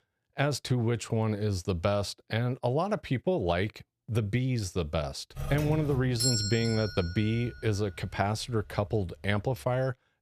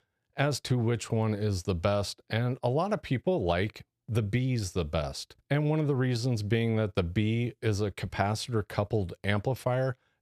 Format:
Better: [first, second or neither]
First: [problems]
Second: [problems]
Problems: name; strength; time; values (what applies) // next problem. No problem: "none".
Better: second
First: doorbell; loud; from 5.5 to 9 s; peak 2 dB above the speech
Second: none